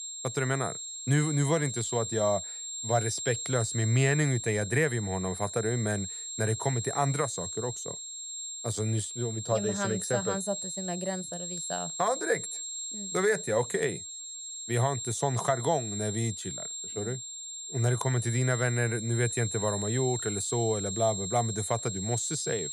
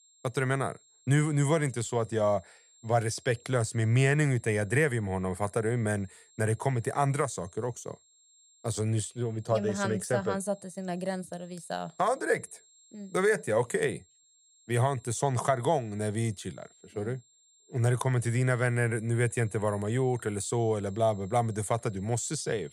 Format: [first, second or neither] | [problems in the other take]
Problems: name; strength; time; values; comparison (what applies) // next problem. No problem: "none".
second | high-pitched whine; loud; throughout; 7.5 kHz, 5 dB below the speech; faint in the second